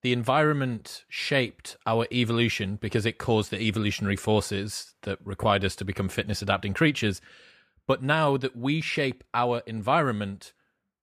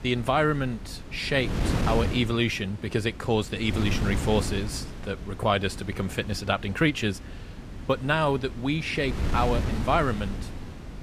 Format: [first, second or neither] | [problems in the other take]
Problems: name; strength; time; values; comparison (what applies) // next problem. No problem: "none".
first | wind noise on the microphone; occasional gusts; 10 dB below the speech